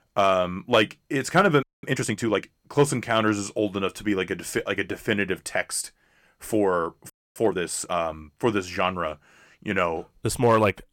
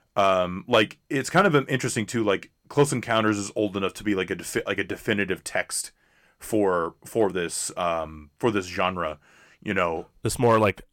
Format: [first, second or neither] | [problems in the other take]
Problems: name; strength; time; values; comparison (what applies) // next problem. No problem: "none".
second | audio freezing; at 1.5 s and at 7 s